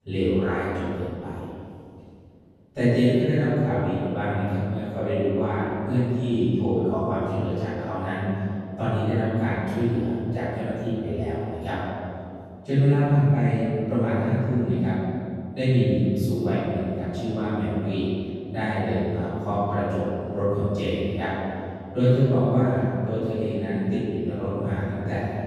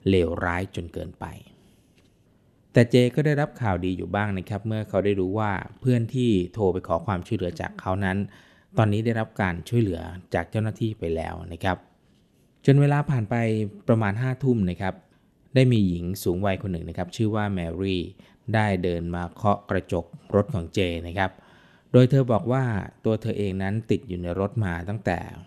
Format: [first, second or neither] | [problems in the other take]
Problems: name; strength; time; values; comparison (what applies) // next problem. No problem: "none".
second | off-mic speech; far // room echo; strong; dies away in 2.6 s